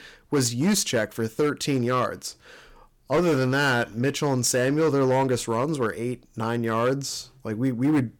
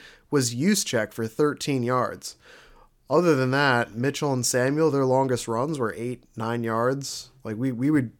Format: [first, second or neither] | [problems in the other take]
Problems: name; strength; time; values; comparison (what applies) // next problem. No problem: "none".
second | distortion; slight; 7% of the sound clipped